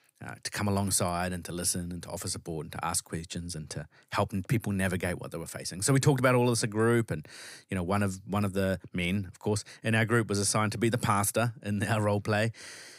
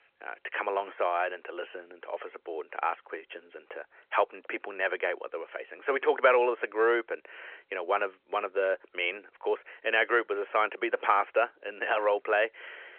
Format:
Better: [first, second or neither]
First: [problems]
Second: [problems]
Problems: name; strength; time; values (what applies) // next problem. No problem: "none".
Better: first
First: none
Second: phone-call audio